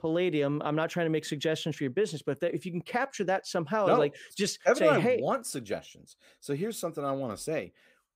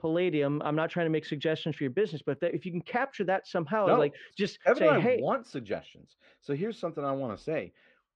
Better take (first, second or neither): first